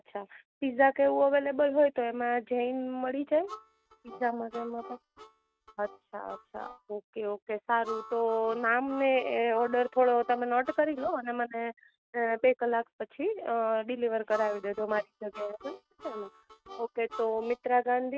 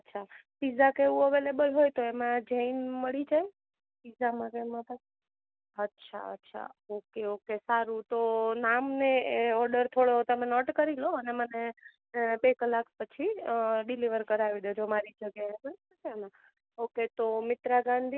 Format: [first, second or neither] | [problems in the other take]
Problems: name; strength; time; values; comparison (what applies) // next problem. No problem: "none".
second | noise reduction (neural mask model RNNoise)